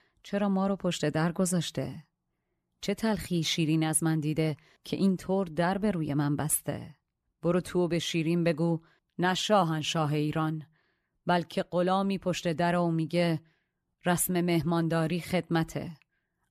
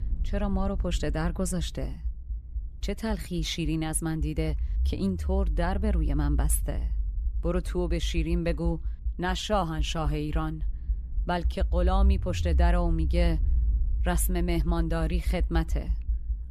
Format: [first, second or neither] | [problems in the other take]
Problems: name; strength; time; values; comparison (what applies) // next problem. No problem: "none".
first | low rumble; noticeable; throughout; 20 dB below the speech